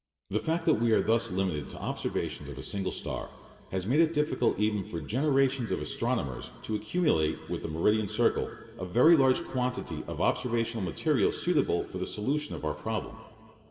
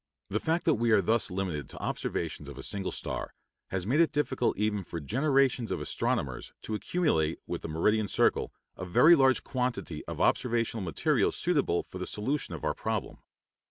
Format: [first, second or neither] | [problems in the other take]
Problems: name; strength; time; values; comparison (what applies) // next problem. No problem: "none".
second | room echo; dies away in 2.3 s